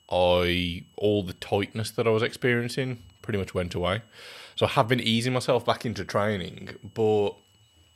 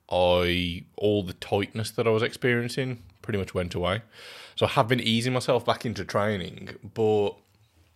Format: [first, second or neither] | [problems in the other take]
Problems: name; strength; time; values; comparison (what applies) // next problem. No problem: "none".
second | high-pitched whine; faint; throughout; 3 kHz, 35 dB below the speech